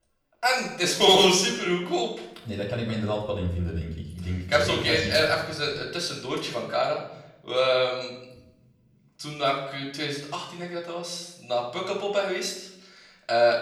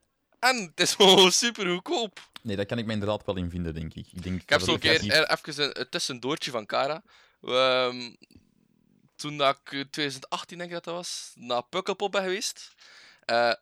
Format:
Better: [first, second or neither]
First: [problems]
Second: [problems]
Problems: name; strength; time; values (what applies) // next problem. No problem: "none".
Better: second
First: off-mic speech; far // room echo; noticeable; dies away in 0.8 s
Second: none